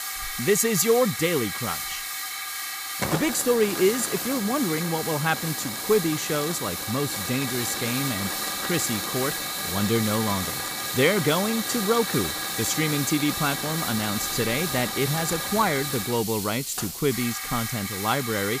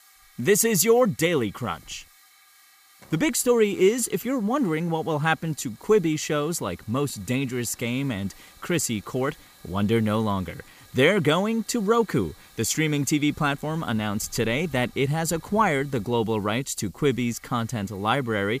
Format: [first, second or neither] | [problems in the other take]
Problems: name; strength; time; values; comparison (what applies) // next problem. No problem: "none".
second | hiss; loud; throughout; 2 dB below the speech; faint in the second